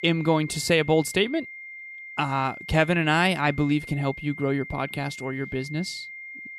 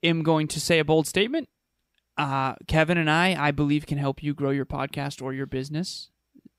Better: second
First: high-pitched whine; noticeable; throughout; 2 kHz, 15 dB below the speech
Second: none

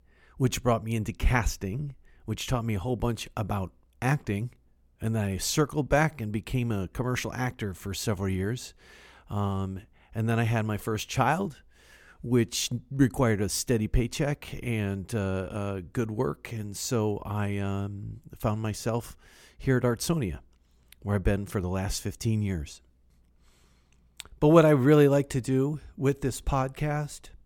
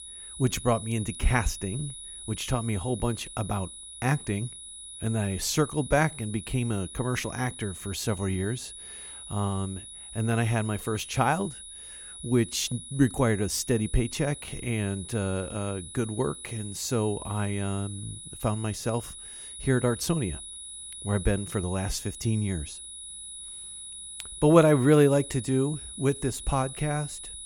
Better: first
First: none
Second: high-pitched whine; noticeable; throughout; 10 kHz, 10 dB below the speech

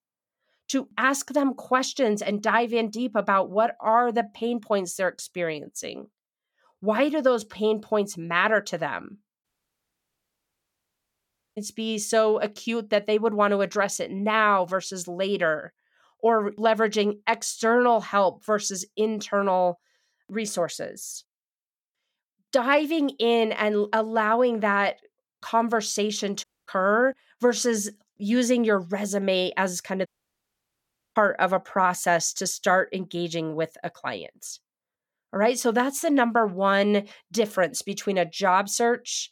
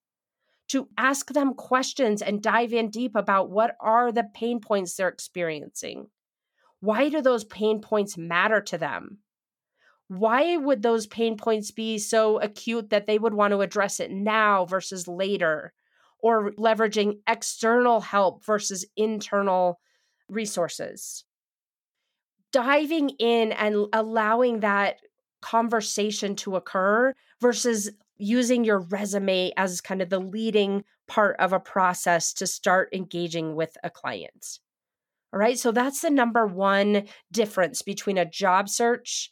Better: second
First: audio cutting out; at 9.5 s for 2 s, at 26 s and at 30 s for 1 s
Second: none

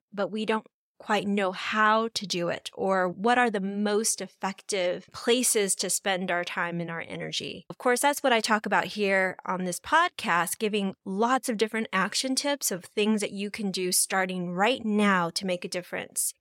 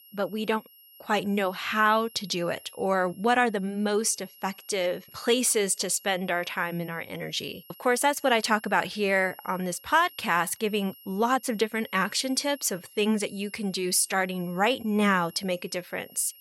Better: first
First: none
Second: high-pitched whine; faint; throughout; 11.5 kHz, 25 dB below the speech

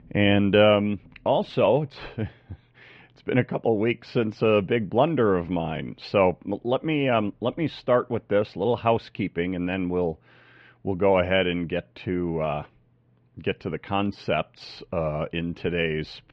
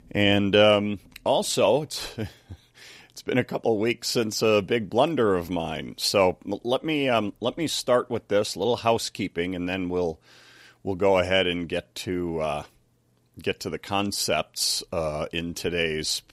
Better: second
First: muffled; very; fading above 3 kHz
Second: none

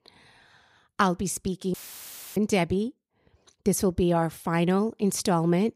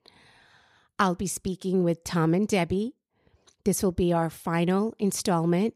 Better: second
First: audio cutting out; filled with static; at 1.5 s for 0.5 s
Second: none

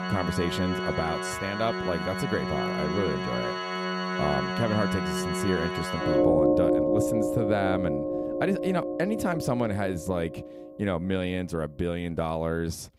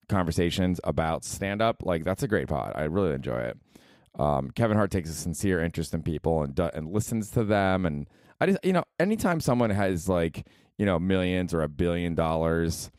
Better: second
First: background music; very loud; throughout; 1 dB above the speech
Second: none

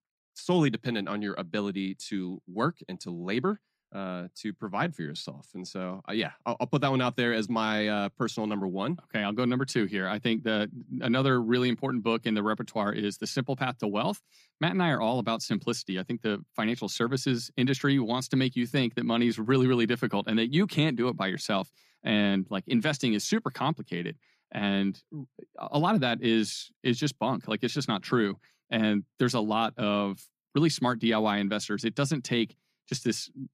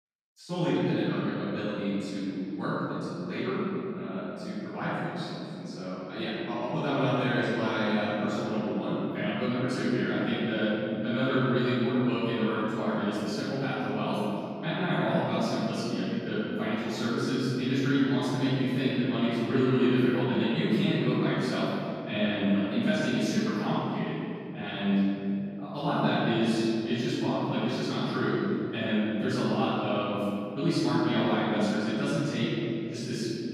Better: first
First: none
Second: room echo; strong; dies away in 2.7 s // off-mic speech; far

